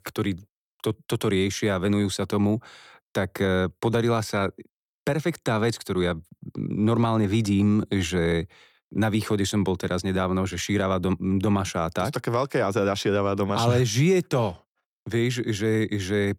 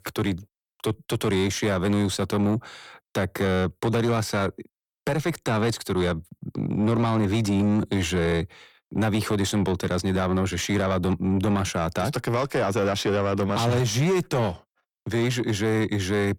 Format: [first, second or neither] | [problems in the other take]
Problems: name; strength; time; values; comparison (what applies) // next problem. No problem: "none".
first | distortion; slight; 10 dB below the speech